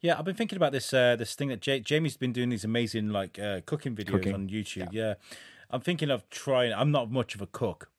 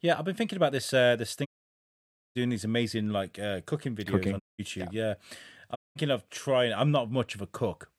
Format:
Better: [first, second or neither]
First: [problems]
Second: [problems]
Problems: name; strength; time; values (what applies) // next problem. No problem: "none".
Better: first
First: none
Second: audio cutting out; at 1.5 s for 1 s, at 4.5 s and at 6 s